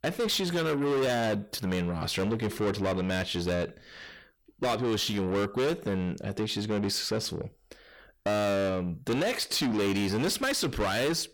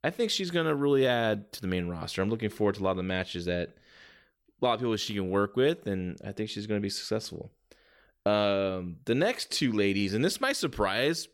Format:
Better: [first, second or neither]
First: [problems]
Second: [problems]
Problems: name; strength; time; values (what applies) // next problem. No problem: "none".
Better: second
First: distortion; heavy; 7 dB below the speech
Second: none